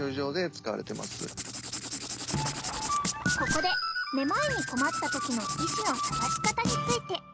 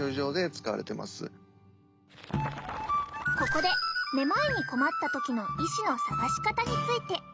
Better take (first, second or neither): second